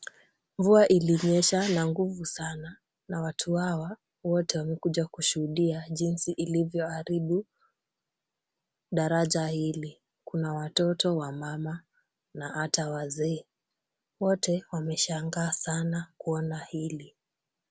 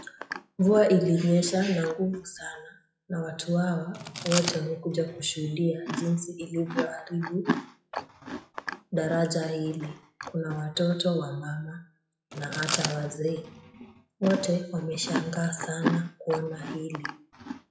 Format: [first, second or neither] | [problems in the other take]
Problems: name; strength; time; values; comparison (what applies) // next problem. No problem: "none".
first | noise reduction (classical method WPE with log-MMSE)